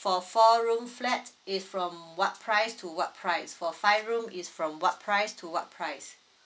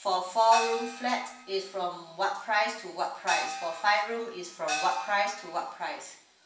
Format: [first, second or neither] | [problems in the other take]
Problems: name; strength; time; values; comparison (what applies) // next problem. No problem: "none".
first | background sound (Gong); 8 dB below the speech // room echo; dies away in 0.9 s